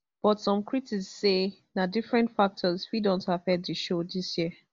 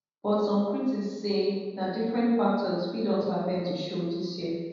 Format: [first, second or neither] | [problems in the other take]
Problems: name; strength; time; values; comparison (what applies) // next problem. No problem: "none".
first | room echo; dies away in 1.2 s